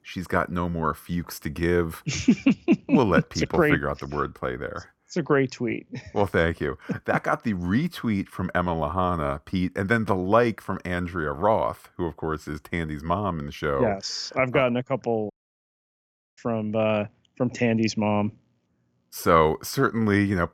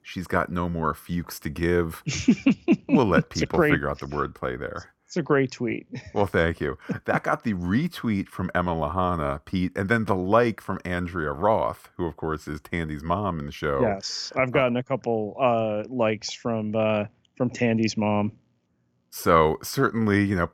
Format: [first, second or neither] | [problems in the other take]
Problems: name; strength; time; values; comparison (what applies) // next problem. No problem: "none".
second | audio cutting out; at 15 s for 1 s